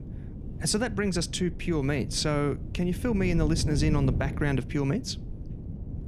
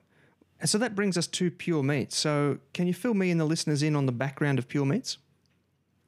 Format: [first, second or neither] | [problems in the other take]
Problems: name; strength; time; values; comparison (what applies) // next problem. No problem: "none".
second | wind noise on the microphone; occasional gusts; 15 dB below the speech